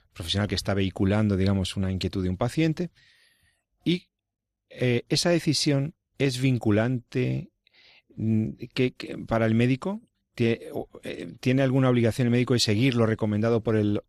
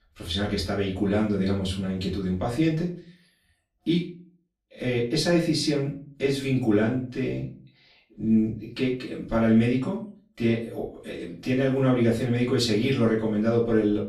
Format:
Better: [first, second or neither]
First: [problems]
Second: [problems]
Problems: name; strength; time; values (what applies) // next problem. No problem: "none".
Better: first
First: none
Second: room echo; slight; dies away in 0.3 s // off-mic speech; far